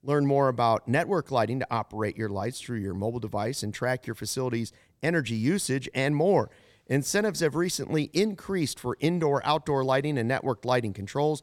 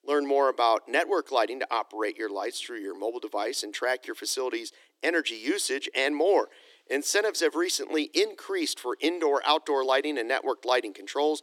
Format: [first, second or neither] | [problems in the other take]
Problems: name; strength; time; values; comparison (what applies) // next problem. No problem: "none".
first | thin; somewhat; fading below 300 Hz